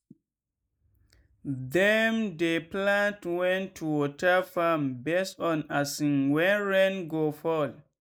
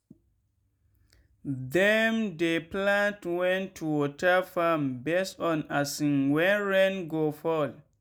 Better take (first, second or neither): second